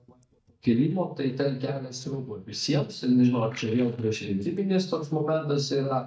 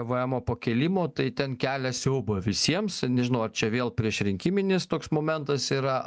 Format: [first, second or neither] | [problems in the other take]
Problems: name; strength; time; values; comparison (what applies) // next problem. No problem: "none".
second | noise reduction (neural mask model DeepFilterNet 3)